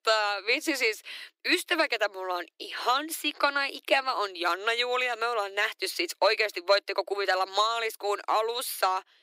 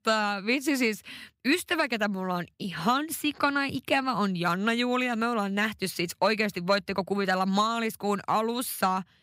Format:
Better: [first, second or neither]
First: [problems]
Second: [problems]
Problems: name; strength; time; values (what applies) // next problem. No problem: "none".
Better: second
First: thin; very; fading below 300 Hz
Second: none